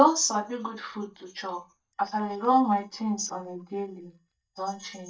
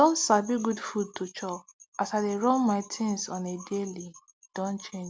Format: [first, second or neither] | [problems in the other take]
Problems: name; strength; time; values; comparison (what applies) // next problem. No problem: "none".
second | noise reduction (neural mask model DeepFilterNet 3)